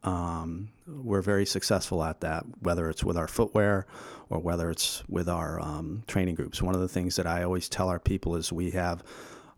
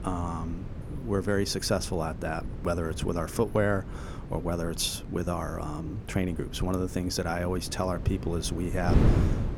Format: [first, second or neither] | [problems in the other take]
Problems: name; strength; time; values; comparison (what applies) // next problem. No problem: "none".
first | wind noise on the microphone; occasional gusts; 10 dB below the speech